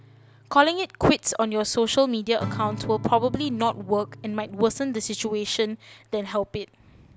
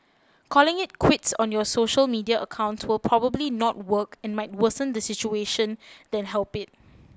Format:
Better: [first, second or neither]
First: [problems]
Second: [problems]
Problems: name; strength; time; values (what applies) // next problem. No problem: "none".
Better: second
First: background sound (Acoustic guitar / Strum); 15 dB below the speech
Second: none